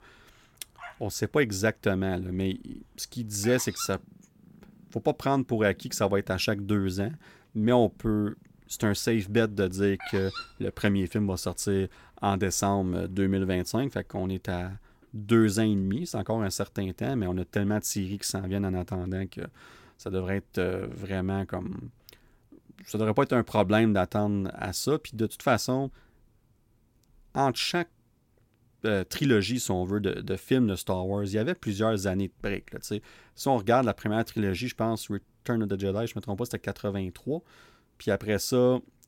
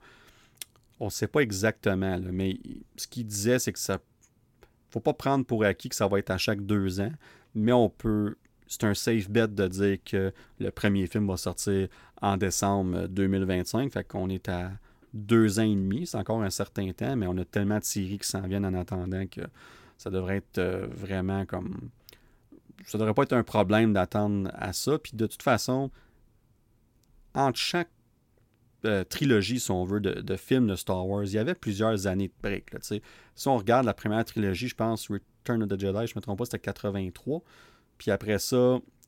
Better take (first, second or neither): second